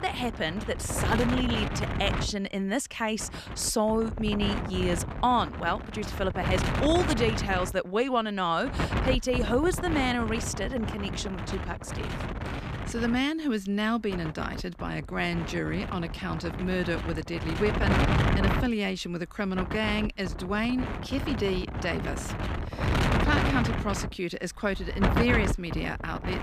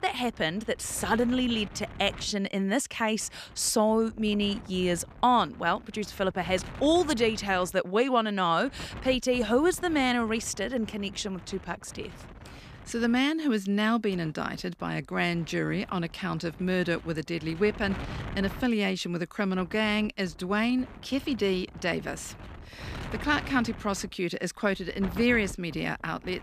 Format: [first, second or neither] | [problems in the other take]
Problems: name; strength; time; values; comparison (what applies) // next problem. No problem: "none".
second | wind noise on the microphone; heavy; 4 dB below the speech; occasional gusts in the second